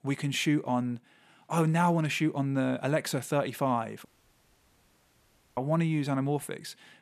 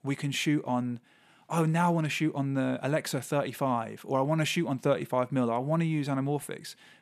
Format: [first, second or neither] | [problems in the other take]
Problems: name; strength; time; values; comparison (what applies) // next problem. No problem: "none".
second | audio cutting out; at 4 s for 1.5 s